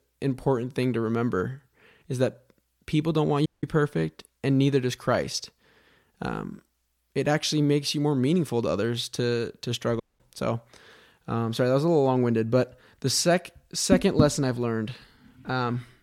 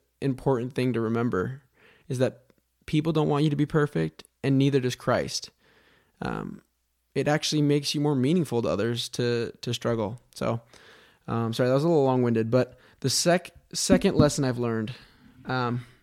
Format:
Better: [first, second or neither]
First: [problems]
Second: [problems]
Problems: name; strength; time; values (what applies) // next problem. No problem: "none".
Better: second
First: audio cutting out; at 3.5 s and at 10 s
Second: none